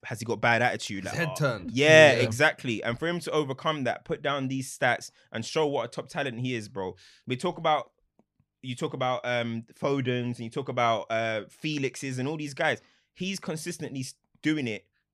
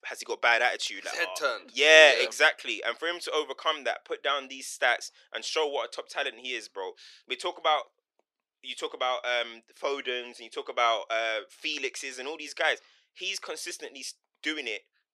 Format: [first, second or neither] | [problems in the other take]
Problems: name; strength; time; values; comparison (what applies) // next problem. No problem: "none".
first | thin; very; fading below 350 Hz